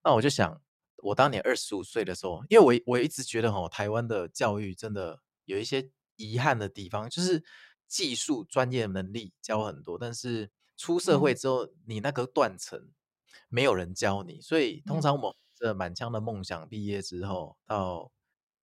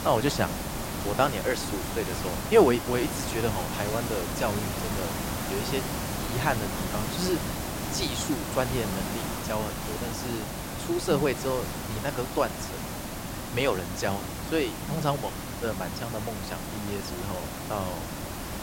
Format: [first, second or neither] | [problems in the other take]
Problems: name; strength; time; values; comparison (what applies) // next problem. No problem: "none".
first | hiss; loud; throughout; 3 dB below the speech